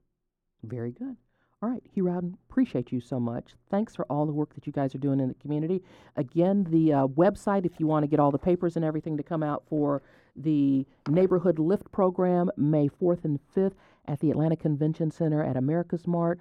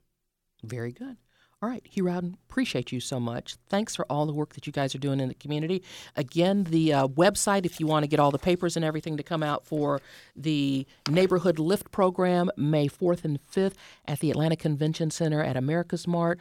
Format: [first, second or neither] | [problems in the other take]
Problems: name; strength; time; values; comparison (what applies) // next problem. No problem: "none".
second | muffled; very; fading above 2 kHz